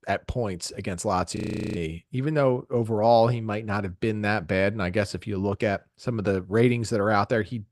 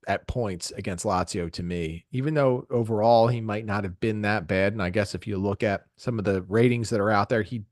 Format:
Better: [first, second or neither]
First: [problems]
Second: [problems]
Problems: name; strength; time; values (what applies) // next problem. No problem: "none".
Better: second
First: audio freezing; at 1.5 s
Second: none